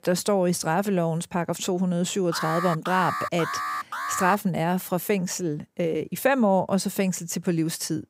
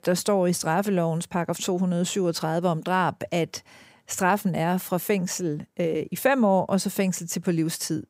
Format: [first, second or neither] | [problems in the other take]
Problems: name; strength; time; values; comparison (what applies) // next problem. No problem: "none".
second | alarm; noticeable; from 2.5 to 4.5 s; peak 3 dB below the speech